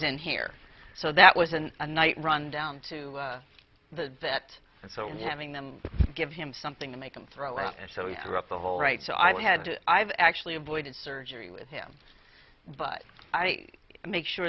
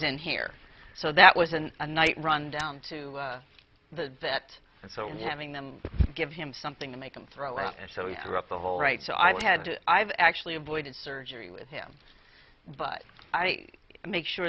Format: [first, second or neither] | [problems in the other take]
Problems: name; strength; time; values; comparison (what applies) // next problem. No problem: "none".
first | background sound (Tick); 19 dB below the speech